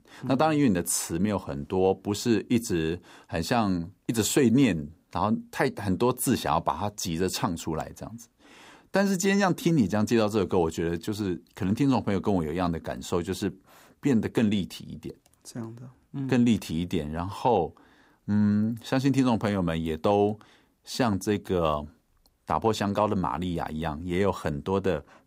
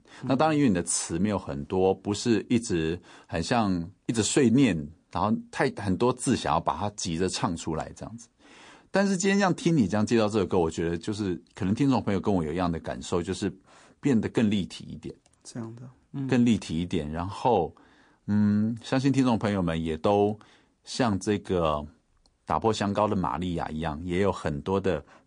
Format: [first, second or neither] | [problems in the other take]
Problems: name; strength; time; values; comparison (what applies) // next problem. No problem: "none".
first | garbled, watery; slightly; nothing above 9.5 kHz